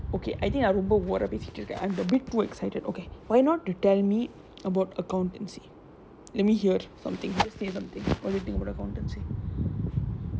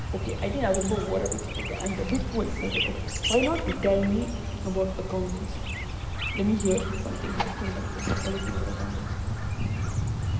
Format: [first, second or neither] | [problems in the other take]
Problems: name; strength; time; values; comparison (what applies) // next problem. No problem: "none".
first | background sound (Chirp, tweet); 2 dB below the speech // room echo; dies away in 2.2 s